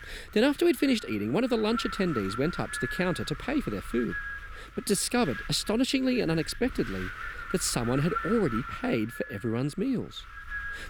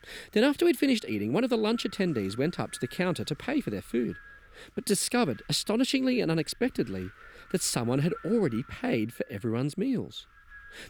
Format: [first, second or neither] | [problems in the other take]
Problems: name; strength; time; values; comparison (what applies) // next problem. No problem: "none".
second | wind noise on the microphone; heavy; 6 dB below the speech; occasional gusts in the second